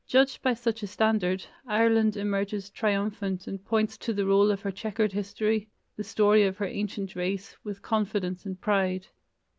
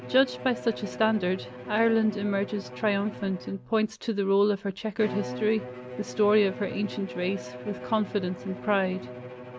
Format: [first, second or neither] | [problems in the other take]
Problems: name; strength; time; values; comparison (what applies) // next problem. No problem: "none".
first | background sound (Bowed string instrument); 12 dB below the speech